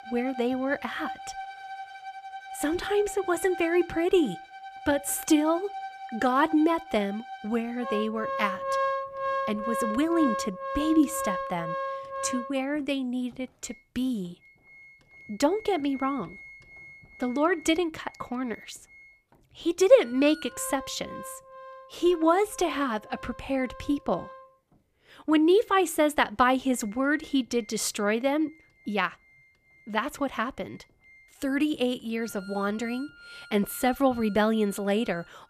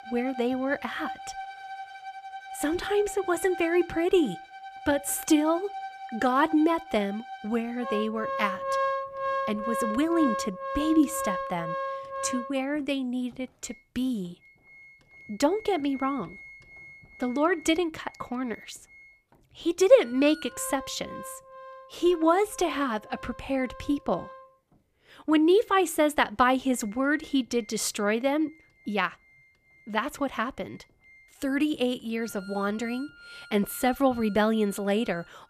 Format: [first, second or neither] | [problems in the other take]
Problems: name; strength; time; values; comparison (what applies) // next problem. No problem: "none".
neither | background music; loud; throughout; 10 dB below the speech; the same in both